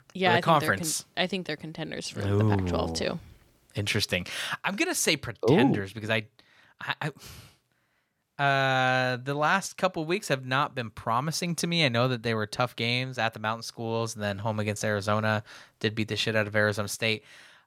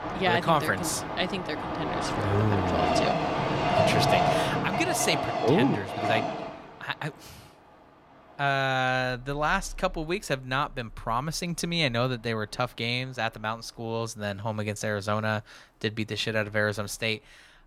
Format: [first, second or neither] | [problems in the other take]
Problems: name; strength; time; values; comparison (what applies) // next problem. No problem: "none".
first | train or aircraft noise; very loud; throughout; as loud as the speech